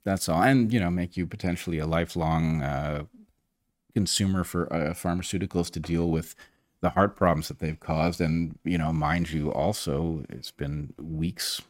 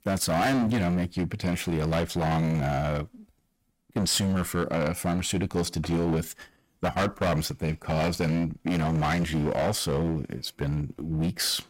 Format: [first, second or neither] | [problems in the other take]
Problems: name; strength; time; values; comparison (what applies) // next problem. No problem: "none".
first | distortion; heavy; 17% of the sound clipped